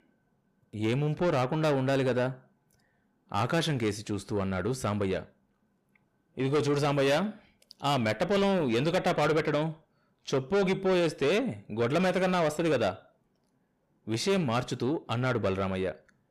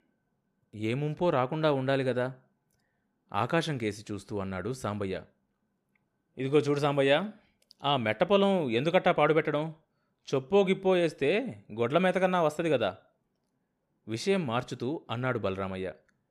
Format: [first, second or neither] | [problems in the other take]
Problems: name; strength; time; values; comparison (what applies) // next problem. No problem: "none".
second | distortion; heavy; 8 dB below the speech